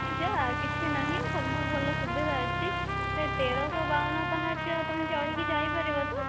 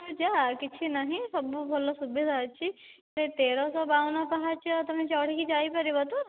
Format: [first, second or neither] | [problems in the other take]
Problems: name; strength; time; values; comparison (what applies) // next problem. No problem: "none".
second | background sound (Trumpet + Aircraft); 3 dB above the speech